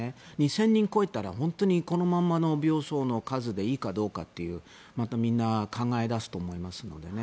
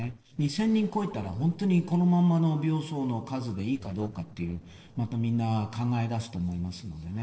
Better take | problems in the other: first | noise reduction (neural separator model SepFormer DNS4)

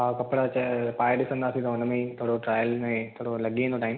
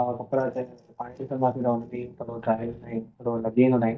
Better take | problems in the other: first | noise reduction (neural mask model DeepFilterNet 3)

